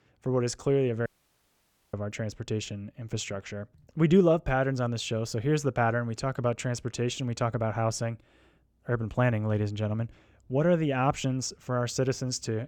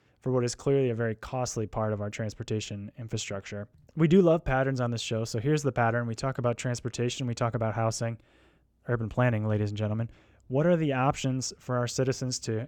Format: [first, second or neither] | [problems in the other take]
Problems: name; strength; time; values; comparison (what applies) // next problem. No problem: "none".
second | audio cutting out; at 1 s for 1 s